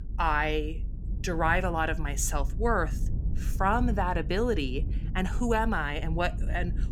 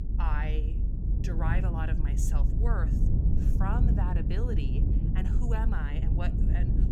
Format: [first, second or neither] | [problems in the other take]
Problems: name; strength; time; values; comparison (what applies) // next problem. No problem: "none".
first | low rumble; loud; throughout; 3 dB below the speech; faint in the first